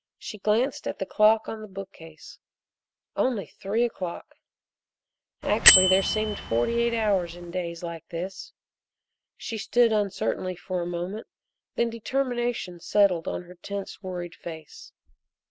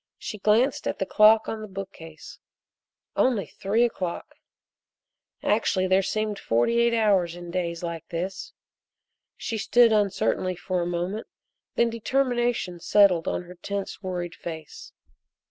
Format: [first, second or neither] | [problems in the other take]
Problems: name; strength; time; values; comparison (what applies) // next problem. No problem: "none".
second | background sound (Bell); 3 dB above the speech